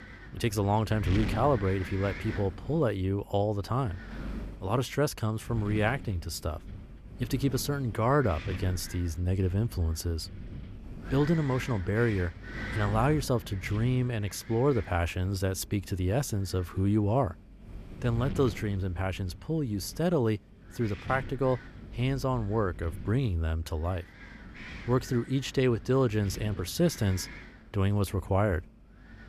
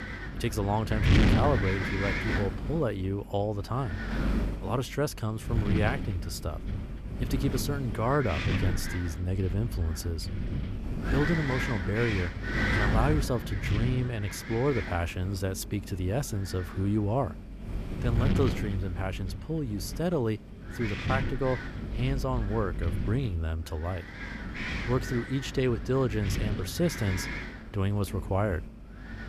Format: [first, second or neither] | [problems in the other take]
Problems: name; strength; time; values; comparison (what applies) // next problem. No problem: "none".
first | wind noise on the microphone; heavy; 2 dB below the speech; occasional gusts in the first